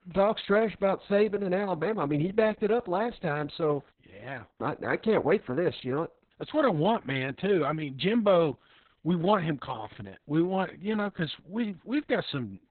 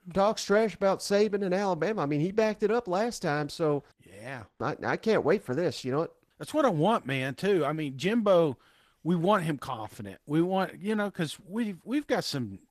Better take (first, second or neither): second